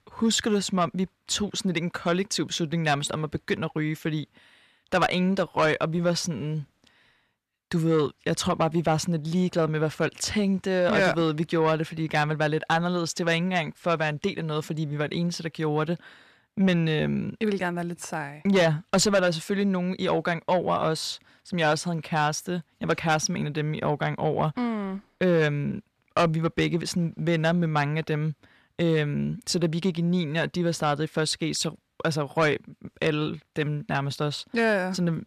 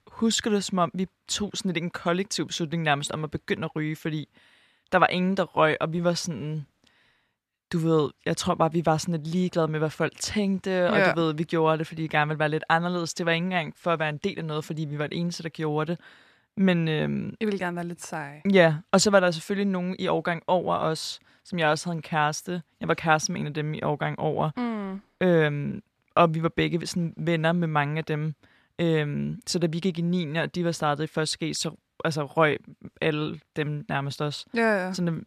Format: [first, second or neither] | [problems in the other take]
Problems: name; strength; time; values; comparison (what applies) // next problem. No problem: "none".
second | distortion; slight; 10 dB below the speech